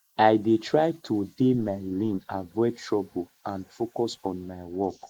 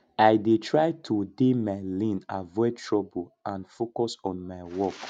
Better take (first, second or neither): second